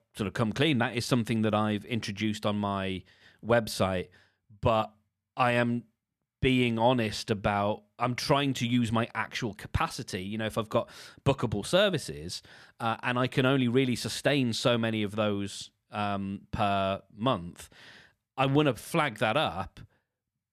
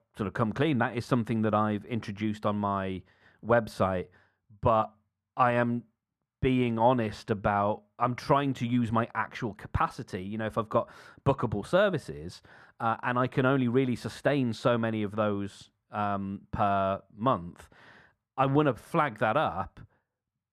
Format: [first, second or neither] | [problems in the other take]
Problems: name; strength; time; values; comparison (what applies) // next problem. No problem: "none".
first | muffled; slightly; fading above 2 kHz